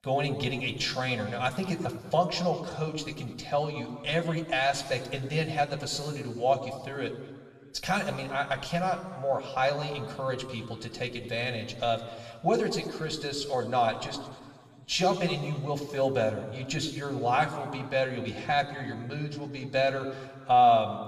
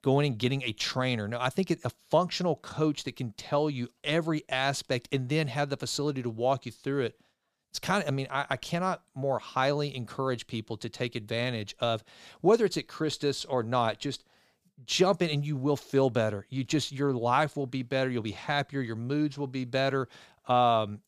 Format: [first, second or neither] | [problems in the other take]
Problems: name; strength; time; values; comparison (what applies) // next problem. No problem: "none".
second | room echo; noticeable; dies away in 1.5 s // off-mic speech; somewhat distant